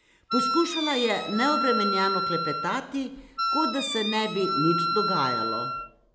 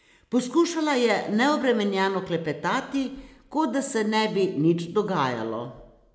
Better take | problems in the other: second | background sound (Wind instrument, woodwind instrument); 1 dB below the speech

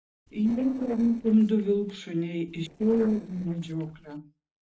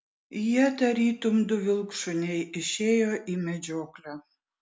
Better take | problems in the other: second | noise reduction (neural separator model SepFormer DNS4)

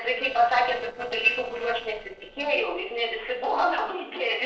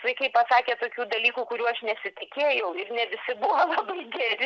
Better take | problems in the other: second | noise reduction (neural separator model SepFormer DNS4)

